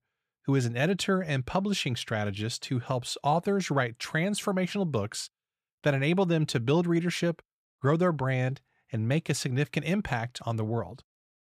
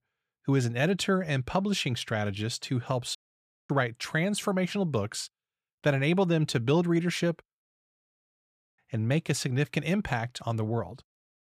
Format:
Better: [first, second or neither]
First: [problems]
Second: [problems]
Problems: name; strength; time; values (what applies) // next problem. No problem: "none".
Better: first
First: none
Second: audio cutting out; at 3 s for 0.5 s and at 7.5 s for 1 s